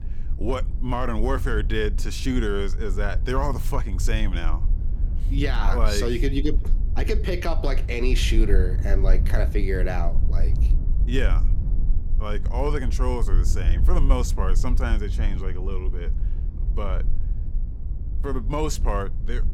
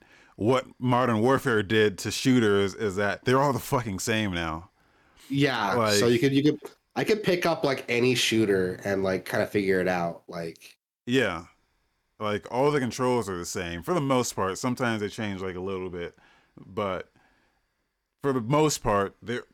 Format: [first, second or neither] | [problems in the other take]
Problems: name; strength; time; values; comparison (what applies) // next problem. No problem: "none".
second | low rumble; noticeable; throughout; 15 dB below the speech